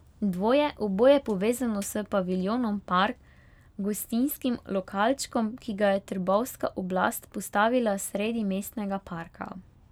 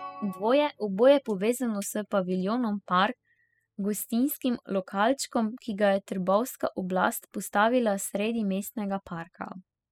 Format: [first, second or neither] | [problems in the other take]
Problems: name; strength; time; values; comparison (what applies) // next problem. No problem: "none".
first | noise reduction (classical method spectral subtraction)